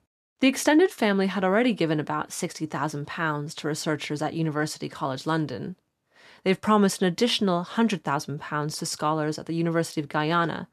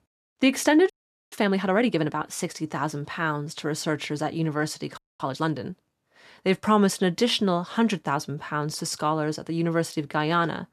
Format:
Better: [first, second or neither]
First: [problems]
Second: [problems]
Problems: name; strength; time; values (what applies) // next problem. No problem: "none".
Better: first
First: none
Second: audio freezing; at 1 s and at 5 s